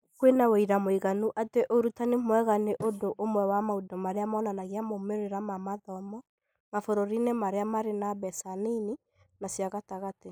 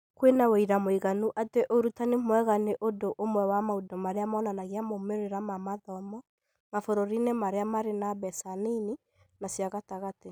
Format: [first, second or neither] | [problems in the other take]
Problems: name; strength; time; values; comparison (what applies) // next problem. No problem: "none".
second | noise reduction (neural mask model Resemble Enhance denoiser)